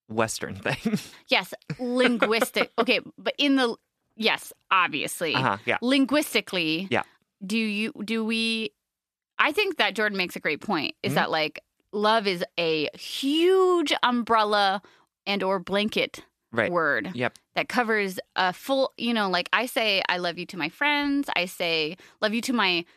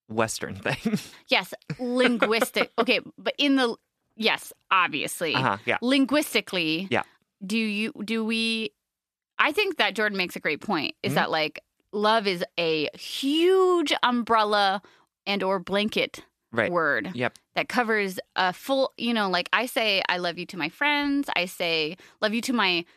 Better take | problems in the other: neither | none

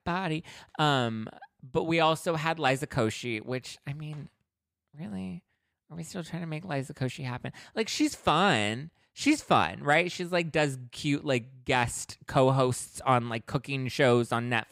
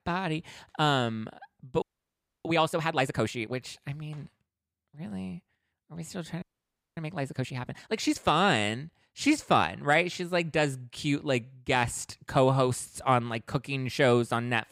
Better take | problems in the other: first | audio freezing; at 2 s for 0.5 s and at 6.5 s for 0.5 s

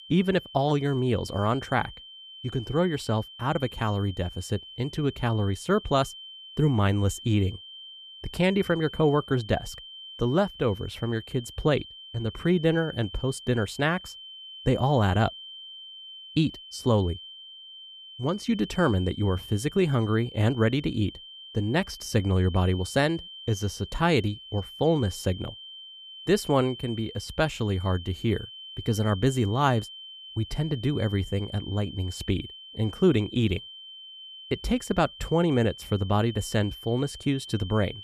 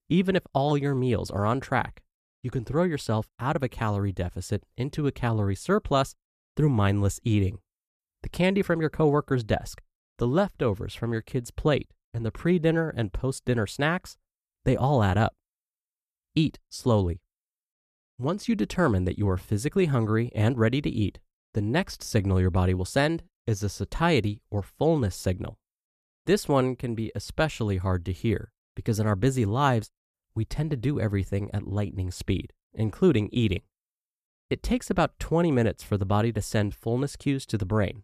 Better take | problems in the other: second | high-pitched whine; noticeable; throughout; 3 kHz, 15 dB below the speech

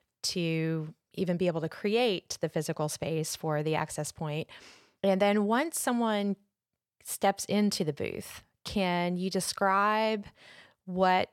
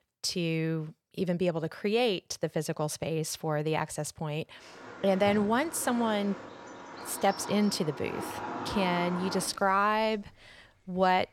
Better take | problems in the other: first | animal sounds; noticeable; from 4.5 s on; 10 dB below the speech

